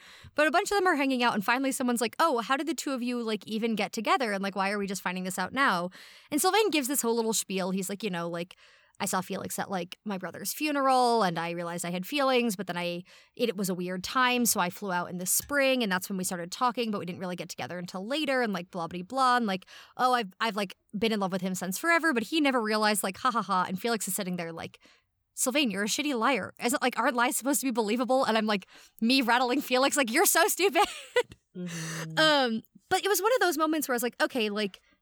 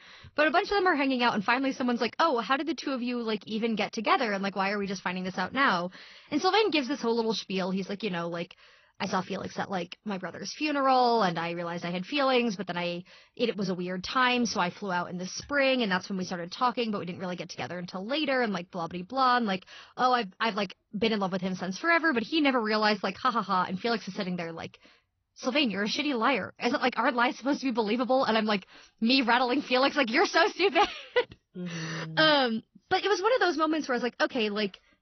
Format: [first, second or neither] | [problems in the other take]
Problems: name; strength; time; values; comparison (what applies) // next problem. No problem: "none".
first | garbled, watery; slightly; nothing above 6 kHz